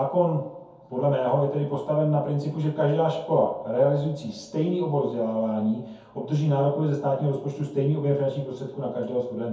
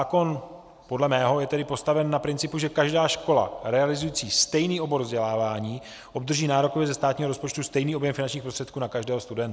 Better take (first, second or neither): second